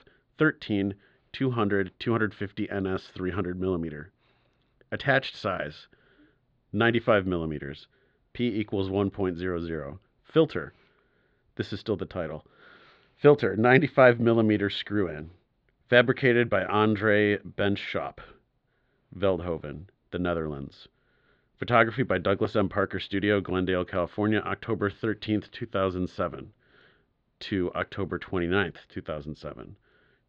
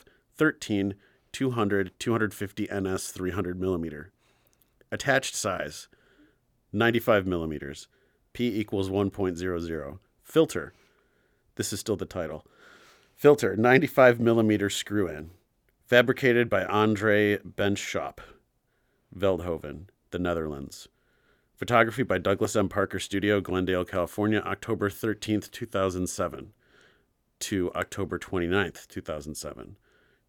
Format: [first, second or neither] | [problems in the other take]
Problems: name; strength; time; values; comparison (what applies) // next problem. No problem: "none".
second | muffled; slightly; fading above 4 kHz